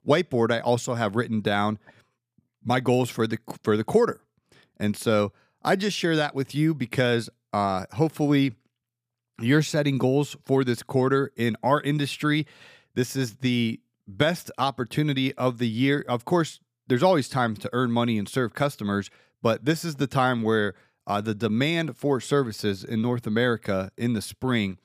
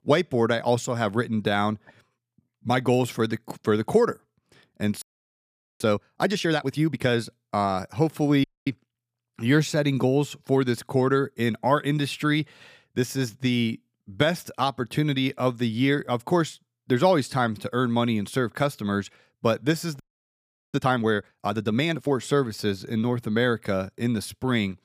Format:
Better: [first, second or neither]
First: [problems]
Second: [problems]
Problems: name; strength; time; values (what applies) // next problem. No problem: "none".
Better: first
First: none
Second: audio freezing; at 5 s for 1 s, at 8.5 s and at 20 s for 0.5 s